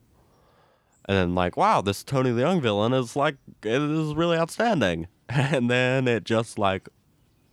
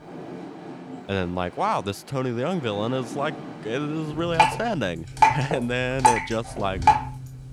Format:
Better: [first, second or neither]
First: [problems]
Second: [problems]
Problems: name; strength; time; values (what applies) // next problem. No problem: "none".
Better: first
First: none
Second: rain or running water; very loud; throughout; 4 dB above the speech